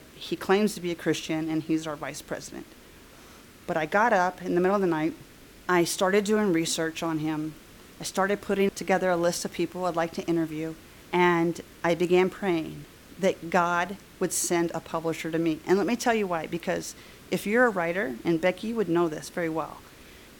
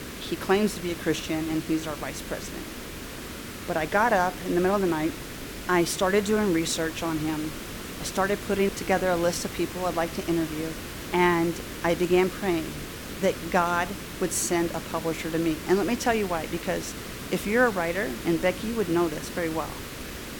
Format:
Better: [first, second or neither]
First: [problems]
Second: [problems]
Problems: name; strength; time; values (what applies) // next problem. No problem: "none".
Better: first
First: hiss; faint; throughout; 25 dB below the speech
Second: hiss; loud; throughout; 10 dB below the speech